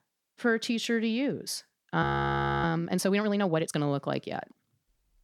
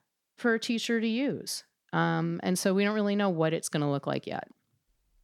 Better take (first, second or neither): second